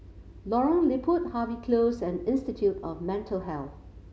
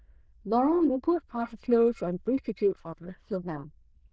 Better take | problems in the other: first | noise reduction (neural diffusion model UNIVERSE++)

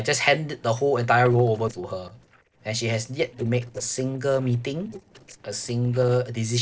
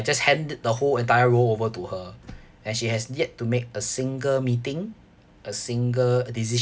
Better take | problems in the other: second | noise reduction (neural separator model SepFormer DNS4)

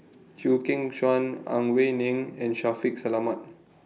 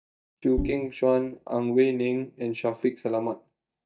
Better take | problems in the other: first | noise reduction (neural mask model DeepFilterNet 3)

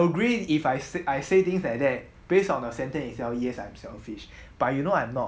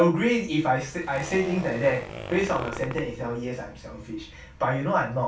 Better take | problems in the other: first | background sound (Zipper (clothing)); 12 dB below the speech // room echo; dies away in 0.2 s

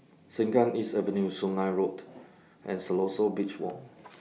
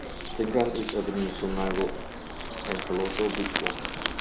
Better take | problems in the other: first | background sound (Bird + Crumpling, crinkling); 3 dB below the speech

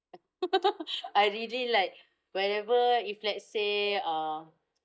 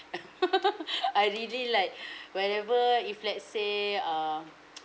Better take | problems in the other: second | noise reduction (neural mask model DeepFilterNet 3)

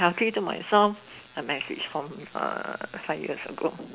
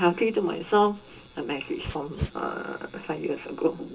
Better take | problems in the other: first | background sound (Dog); 14 dB below the speech // room echo; dies away in 0.2 s

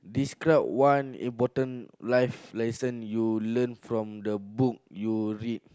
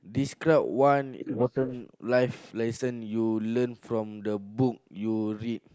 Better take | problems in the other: first | noise reduction (neural mask model Resemble Enhance denoiser)

